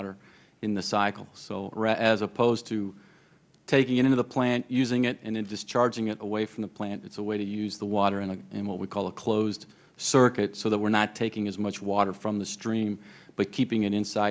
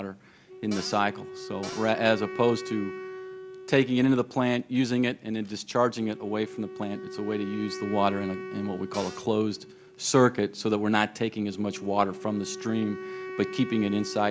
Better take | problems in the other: first | background sound (Cupboard open or close + Wind instrument, woodwind instrument); 13 dB below the speech

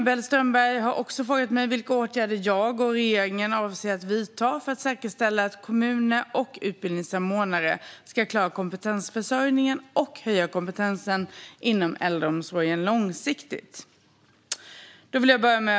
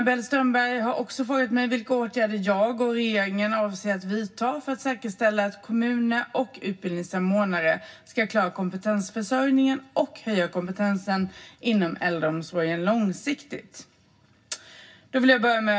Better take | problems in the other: first | room echo; dies away in 0.4 s

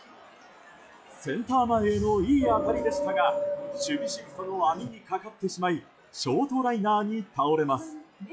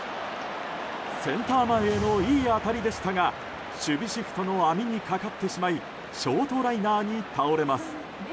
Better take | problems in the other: second | noise reduction (classical method log-MMSE)

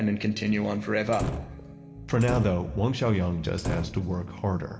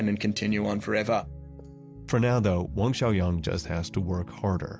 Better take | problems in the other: second | background sound (Slam); 8 dB below the speech // room echo; dies away in 2.9 s

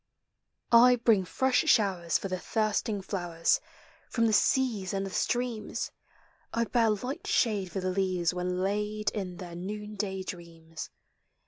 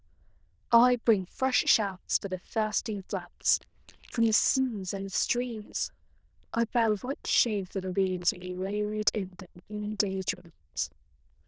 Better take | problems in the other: first | noise reduction (neural diffusion model UNIVERSE++)

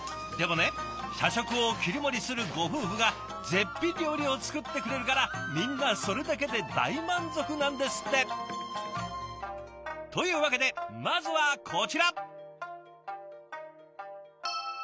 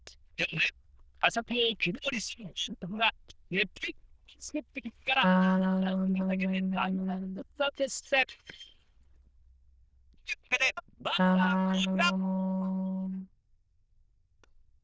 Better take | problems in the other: first | noise reduction (neural diffusion model UNIVERSE++)

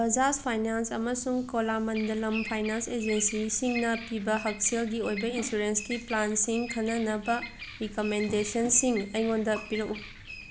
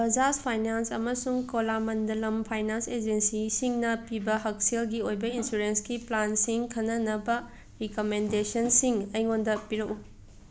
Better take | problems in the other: second | background sound (Bird vocalization, bird call, bird song); 14 dB below the speech

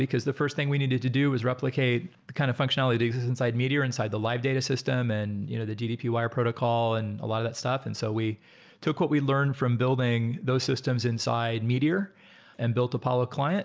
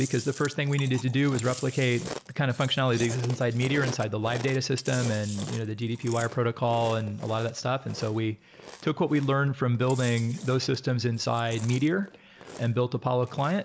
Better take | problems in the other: first | background sound (Chewing, mastication); 16 dB below the speech

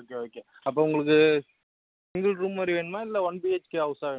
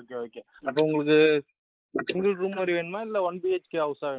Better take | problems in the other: first | noise reduction (neural mask model Resemble Enhance denoiser)

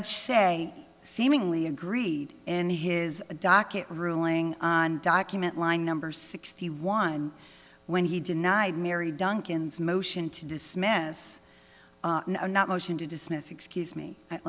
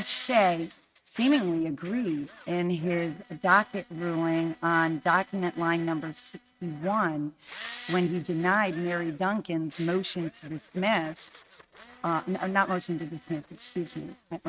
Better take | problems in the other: first | noise reduction (neural mask model RNNoise)

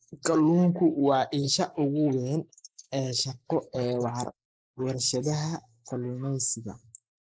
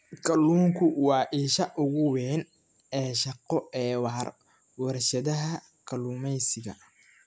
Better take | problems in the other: second | noise reduction (neural mask model Resemble Enhance denoiser)

